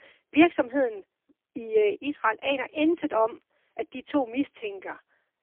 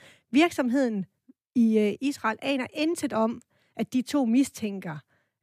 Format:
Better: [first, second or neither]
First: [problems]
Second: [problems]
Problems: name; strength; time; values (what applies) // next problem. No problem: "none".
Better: second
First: phone-call audio; poor line; nothing above 3.5 kHz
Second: none